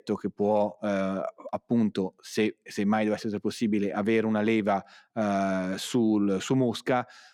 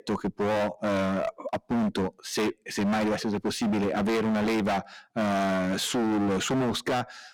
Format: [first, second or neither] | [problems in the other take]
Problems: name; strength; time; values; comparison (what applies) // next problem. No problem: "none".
first | distortion; heavy; 30% of the sound clipped